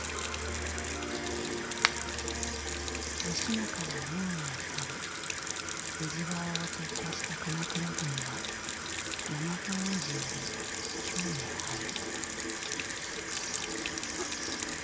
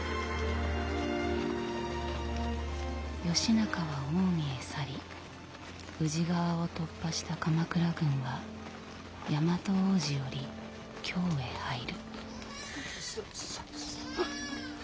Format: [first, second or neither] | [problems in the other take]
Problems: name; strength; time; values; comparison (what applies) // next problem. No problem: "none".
second | background sound (Sink (filling or washing) / Water tap, faucet + Finger snapping); 3 dB above the speech